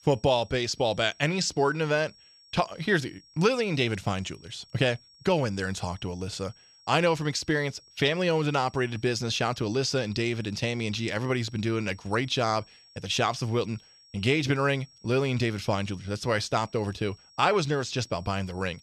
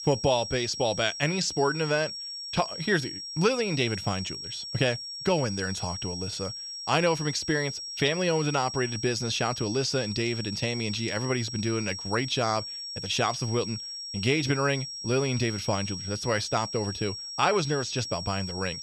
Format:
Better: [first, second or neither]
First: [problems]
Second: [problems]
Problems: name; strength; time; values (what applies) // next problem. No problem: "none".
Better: first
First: high-pitched whine; faint; throughout; 5.5 kHz, 25 dB below the speech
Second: high-pitched whine; loud; throughout; 5.5 kHz, 7 dB below the speech